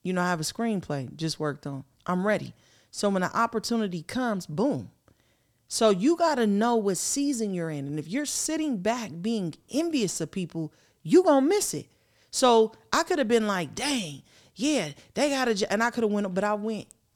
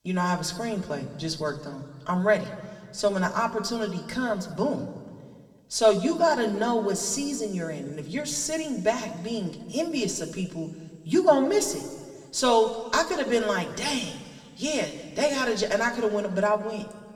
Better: first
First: none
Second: room echo; slight; dies away in 1.4 s // off-mic speech; somewhat distant

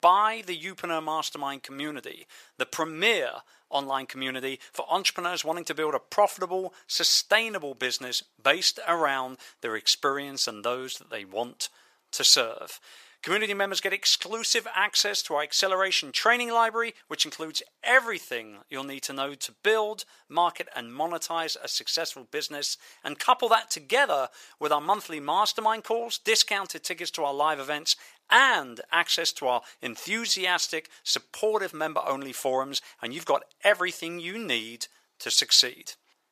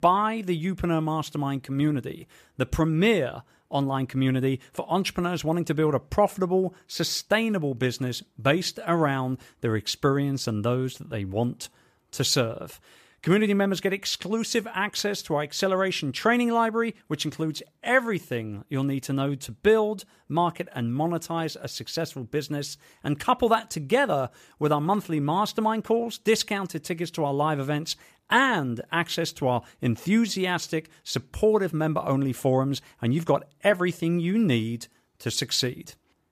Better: second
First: thin; very; fading below 650 Hz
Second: none

